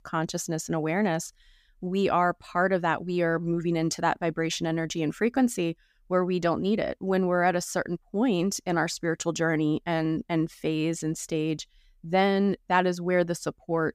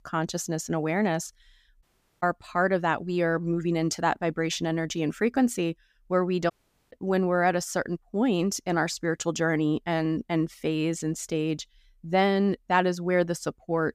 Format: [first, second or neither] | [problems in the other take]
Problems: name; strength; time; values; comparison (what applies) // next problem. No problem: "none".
first | audio cutting out; at 2 s and at 6.5 s